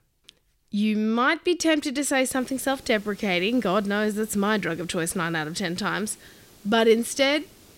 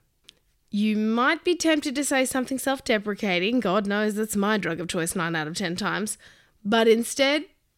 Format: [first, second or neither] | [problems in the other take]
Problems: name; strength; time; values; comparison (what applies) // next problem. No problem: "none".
second | hiss; faint; from 2.5 s on; 25 dB below the speech